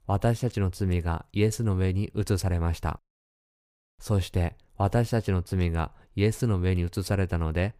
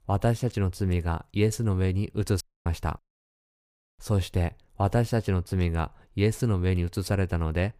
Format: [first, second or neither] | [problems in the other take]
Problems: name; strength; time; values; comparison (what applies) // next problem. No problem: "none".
first | audio cutting out; at 2.5 s